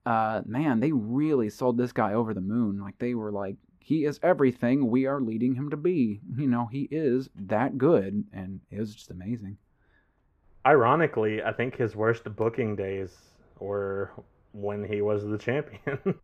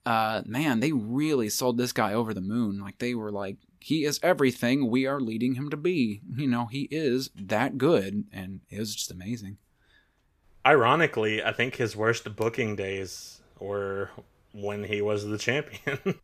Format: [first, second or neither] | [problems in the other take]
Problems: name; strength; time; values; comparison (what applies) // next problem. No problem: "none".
second | muffled; very; fading above 2.5 kHz